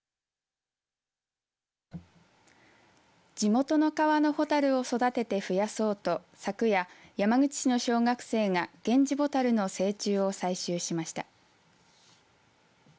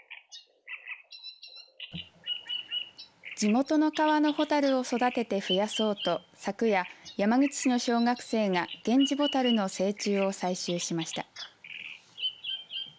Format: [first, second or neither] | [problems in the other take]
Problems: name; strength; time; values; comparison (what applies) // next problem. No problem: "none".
first | background sound (Bird vocalization, bird call, bird song); 12 dB below the speech